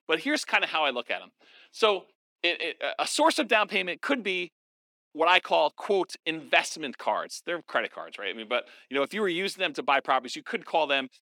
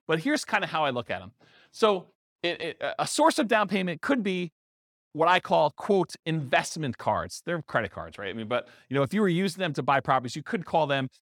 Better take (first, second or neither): second